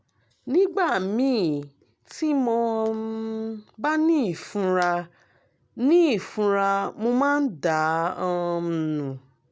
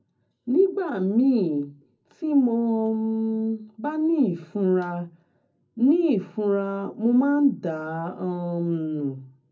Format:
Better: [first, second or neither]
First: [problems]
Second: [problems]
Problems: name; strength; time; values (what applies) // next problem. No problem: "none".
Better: first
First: none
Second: room echo; dies away in 0.4 s